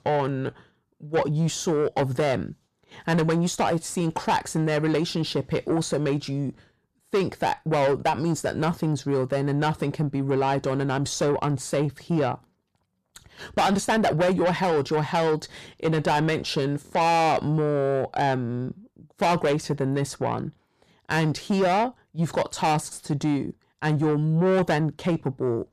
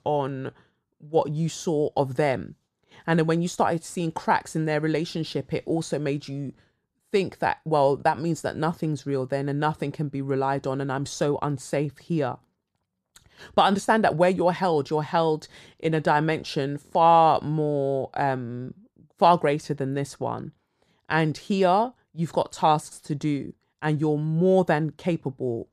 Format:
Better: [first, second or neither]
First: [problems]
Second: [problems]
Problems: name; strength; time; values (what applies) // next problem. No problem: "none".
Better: second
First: distortion; heavy; 7 dB below the speech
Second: none